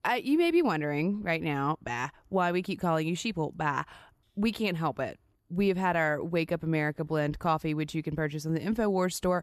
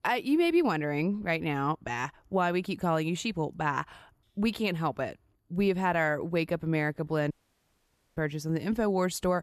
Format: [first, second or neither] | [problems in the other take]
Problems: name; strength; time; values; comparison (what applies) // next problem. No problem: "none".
first | audio cutting out; at 7.5 s for 1 s